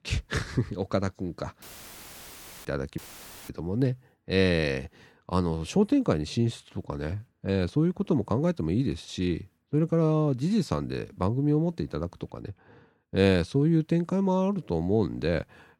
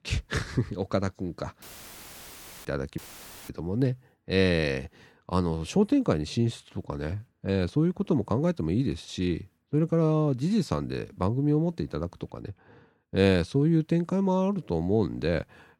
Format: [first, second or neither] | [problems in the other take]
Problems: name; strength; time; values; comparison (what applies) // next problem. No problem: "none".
neither | audio cutting out; filled with static; at 1.5 s for 1 s and at 3 s for 0.5 s; the same in both